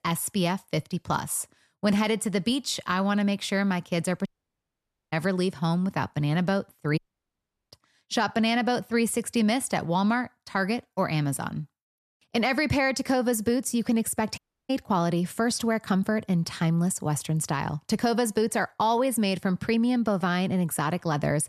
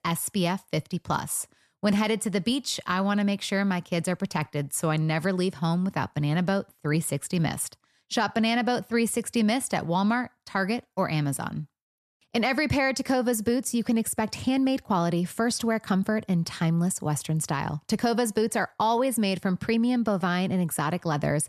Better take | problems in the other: second | audio cutting out; at 4.5 s for 1 s, at 7 s for 0.5 s and at 14 s

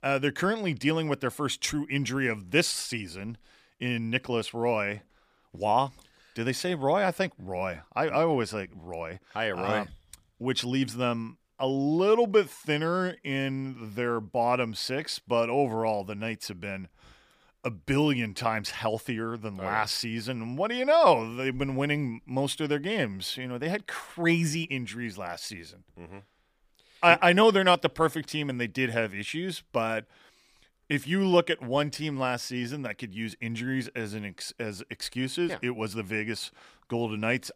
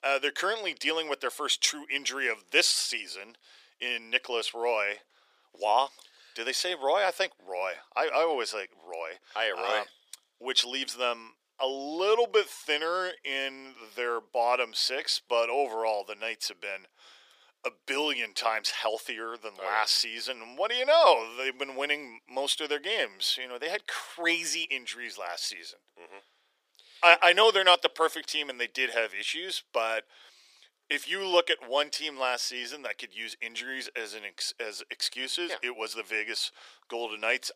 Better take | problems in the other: first | thin; very; fading below 400 Hz

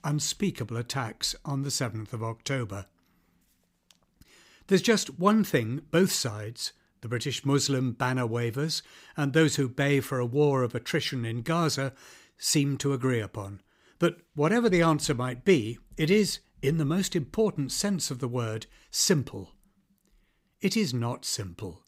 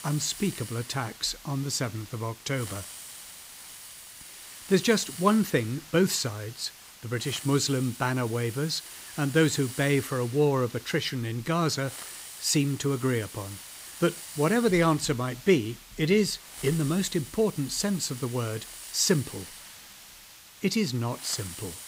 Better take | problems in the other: first | hiss; noticeable; throughout; 15 dB below the speech

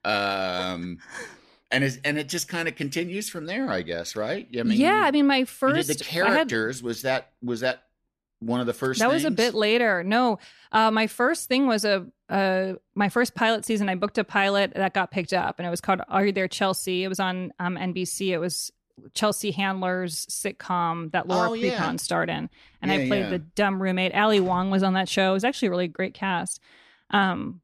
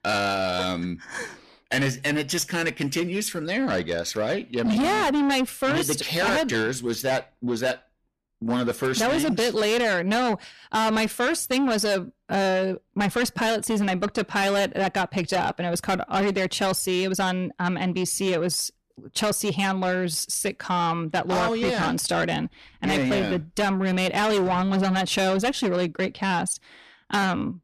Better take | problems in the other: first | distortion; heavy; 8 dB below the speech

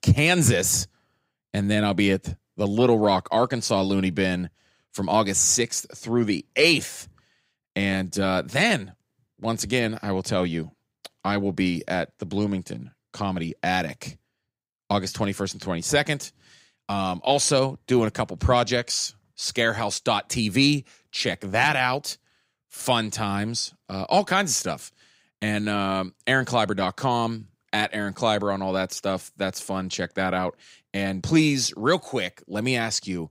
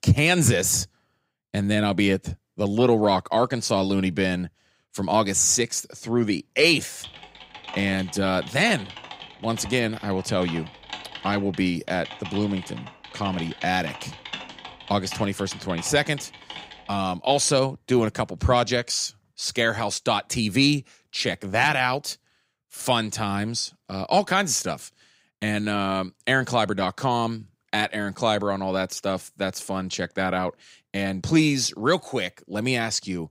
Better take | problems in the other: first | keyboard typing; faint; from 7 to 17 s; peak 10 dB below the speech

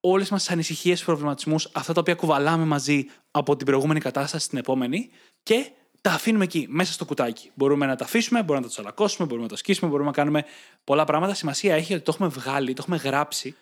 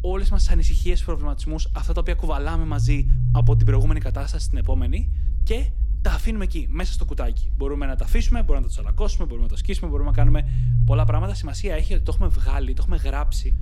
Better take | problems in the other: first | low rumble; loud; throughout; 8 dB below the speech

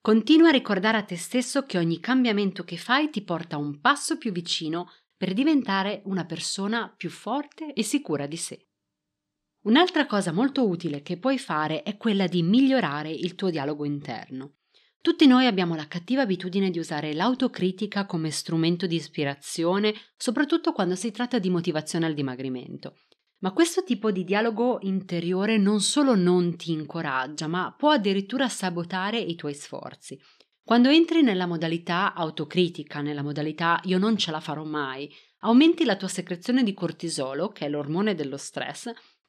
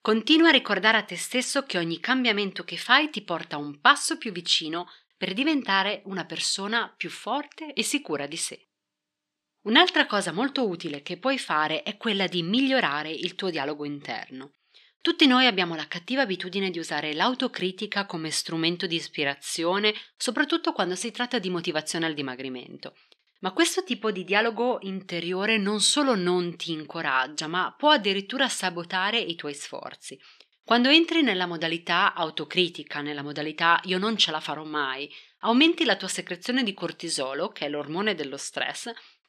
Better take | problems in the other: first | thin; very slightly; fading below 950 Hz

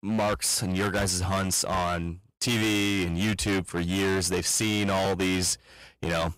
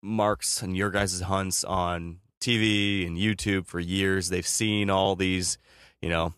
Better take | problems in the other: second | distortion; heavy; 24% of the sound clipped

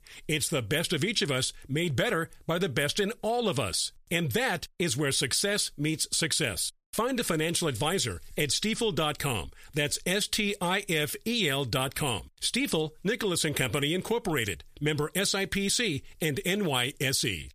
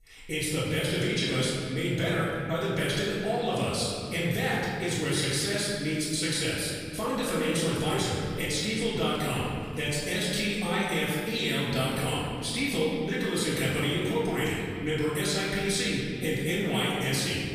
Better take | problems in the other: first | room echo; strong; dies away in 2.1 s // off-mic speech; far

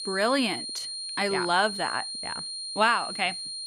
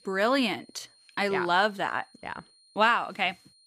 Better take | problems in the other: second | high-pitched whine; loud; throughout; 4 kHz, 6 dB below the speech; faint in the second

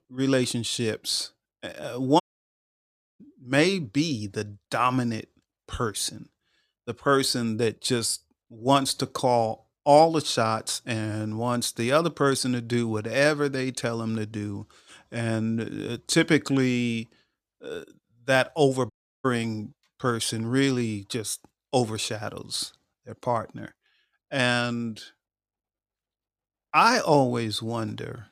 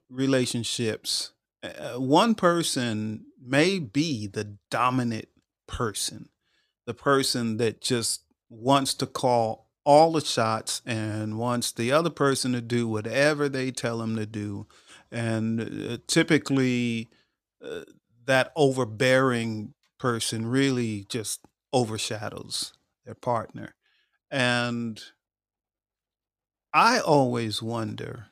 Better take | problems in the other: second | audio cutting out; at 2 s for 1 s and at 19 s

